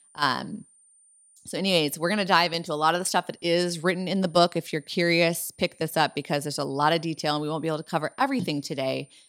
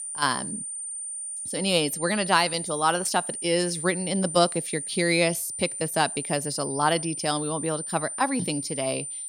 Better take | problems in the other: first | high-pitched whine; loud; throughout; 9 kHz, 6 dB below the speech; faint in the first

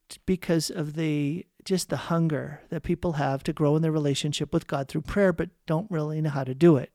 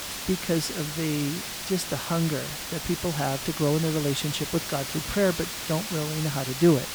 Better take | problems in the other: first | hiss; loud; throughout; 4 dB below the speech

